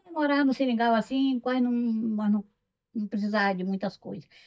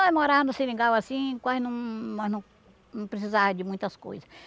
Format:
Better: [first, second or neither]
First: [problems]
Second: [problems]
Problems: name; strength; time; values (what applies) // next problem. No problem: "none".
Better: second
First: noise reduction (neural mask model DeepFilterNet 3)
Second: none